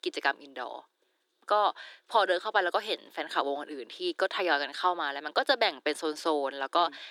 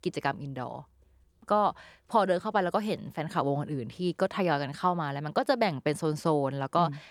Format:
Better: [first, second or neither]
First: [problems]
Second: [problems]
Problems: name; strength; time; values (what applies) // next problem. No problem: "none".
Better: second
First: thin; very; fading below 300 Hz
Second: none